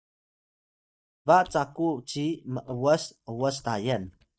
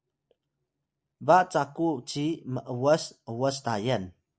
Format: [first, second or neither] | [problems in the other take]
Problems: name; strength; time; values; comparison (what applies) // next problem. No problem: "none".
second | noise reduction (neural mask model DeepFilterNet 3)